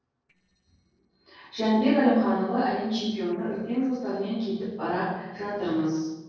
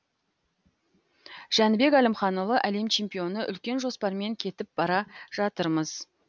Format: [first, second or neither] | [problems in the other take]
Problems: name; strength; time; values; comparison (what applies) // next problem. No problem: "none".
second | noise reduction (neural separator model SepFormer DNS4)